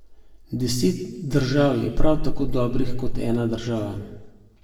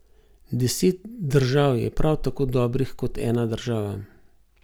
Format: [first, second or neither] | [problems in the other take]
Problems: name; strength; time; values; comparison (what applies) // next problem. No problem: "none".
second | room echo; dies away in 1 s